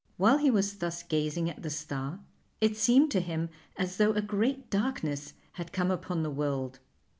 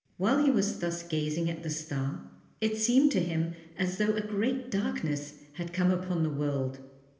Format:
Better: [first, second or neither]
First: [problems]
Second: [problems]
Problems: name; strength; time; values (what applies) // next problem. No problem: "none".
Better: first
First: none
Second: room echo; dies away in 0.8 s